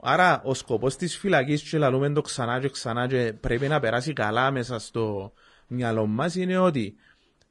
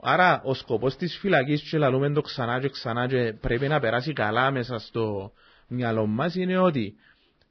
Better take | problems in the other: first | garbled, watery; badly; nothing above 5.5 kHz; slightly in the first

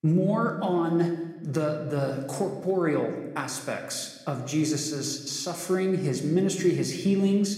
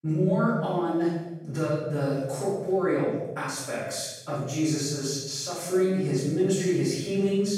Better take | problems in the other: first | room echo; strong; dies away in 0.9 s; slight in the first // off-mic speech; far

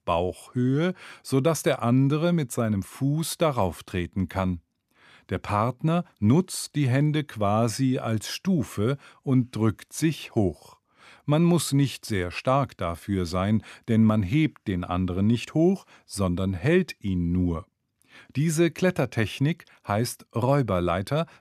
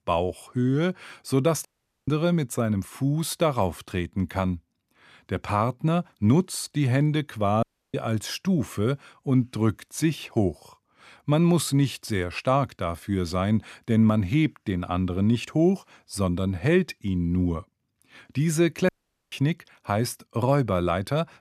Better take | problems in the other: first | audio cutting out; at 1.5 s, at 7.5 s and at 19 s

